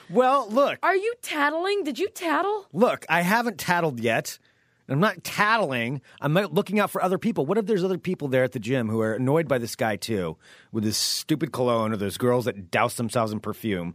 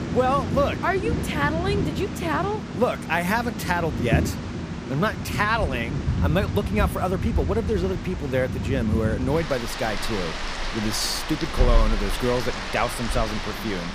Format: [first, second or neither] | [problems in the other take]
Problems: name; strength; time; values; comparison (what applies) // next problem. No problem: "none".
first | rain or running water; loud; throughout; 2 dB below the speech